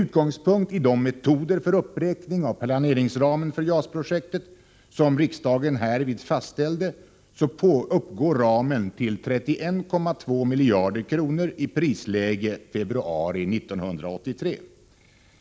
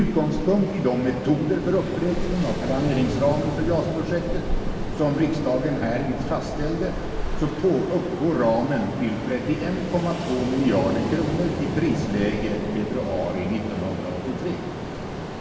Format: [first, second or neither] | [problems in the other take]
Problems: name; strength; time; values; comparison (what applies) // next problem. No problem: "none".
first | background sound (Ocean); 5 dB below the speech // room echo; dies away in 2.4 s